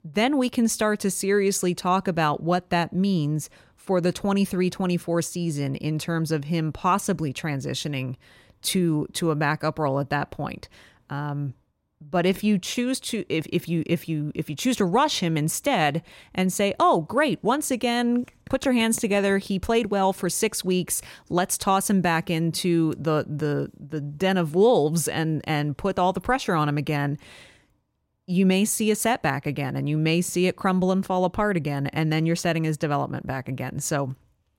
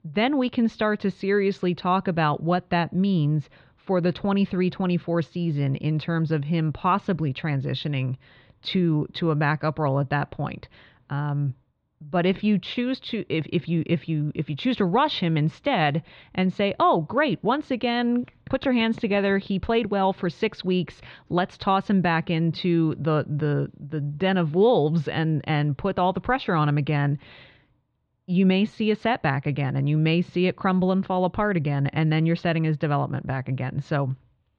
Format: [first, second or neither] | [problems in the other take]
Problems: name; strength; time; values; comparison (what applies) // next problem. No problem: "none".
first | muffled; slightly; fading above 4 kHz